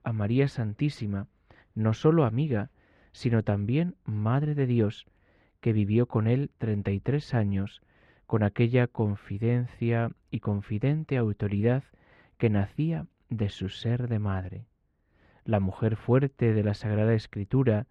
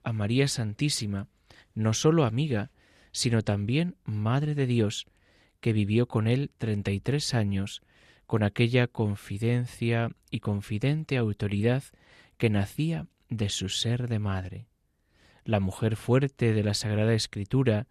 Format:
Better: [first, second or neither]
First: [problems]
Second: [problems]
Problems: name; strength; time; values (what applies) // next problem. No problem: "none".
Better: second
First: muffled; very; fading above 4 kHz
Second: none